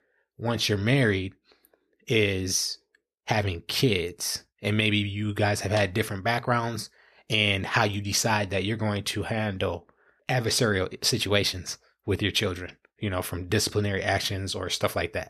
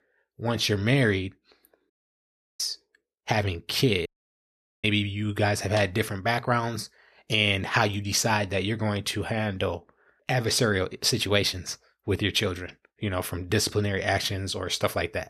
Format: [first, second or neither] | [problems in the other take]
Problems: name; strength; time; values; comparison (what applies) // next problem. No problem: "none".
first | audio cutting out; at 2 s for 0.5 s and at 4 s for 1 s